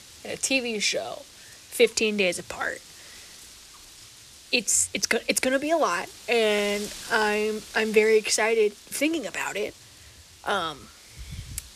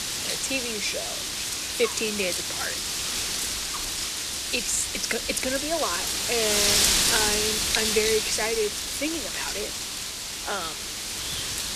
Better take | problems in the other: first | wind noise on the microphone; heavy; 3 dB above the speech; occasional gusts in the first

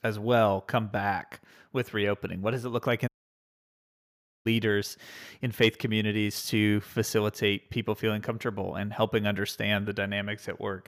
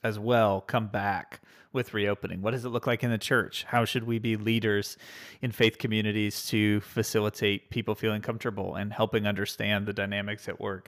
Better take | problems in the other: second | audio cutting out; at 3 s for 1.5 s

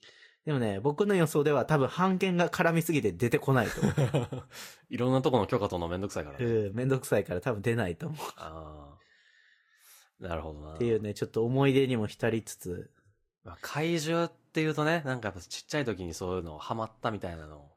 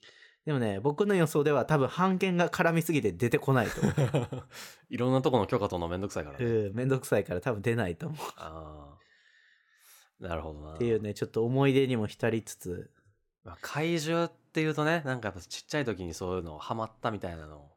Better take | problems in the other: second | garbled, watery; slightly; nothing above 15 kHz

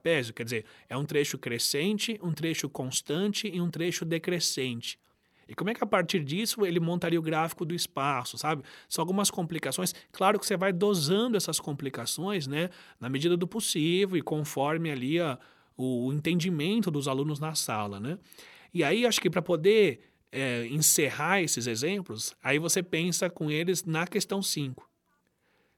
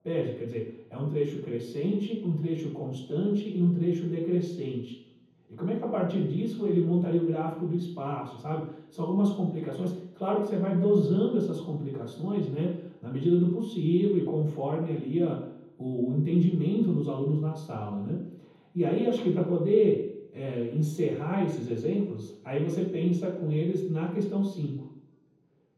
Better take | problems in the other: first | room echo; strong; dies away in 0.9 s // off-mic speech; far

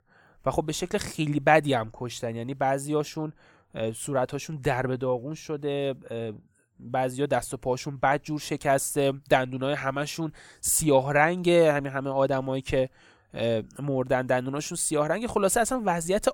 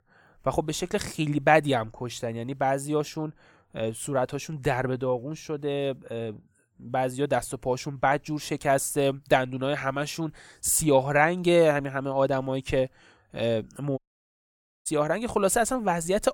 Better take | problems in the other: first | audio cutting out; at 14 s for 1 s

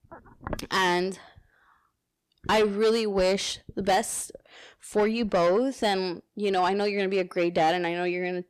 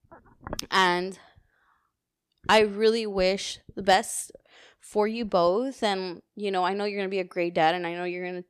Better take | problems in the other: second | distortion; heavy; 8 dB below the speech

